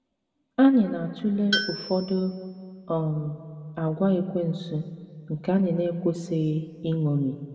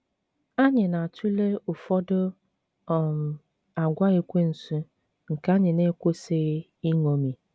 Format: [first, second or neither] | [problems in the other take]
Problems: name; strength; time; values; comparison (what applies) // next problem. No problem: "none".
second | background sound (Tools); 10 dB below the speech // room echo; dies away in 1.6 s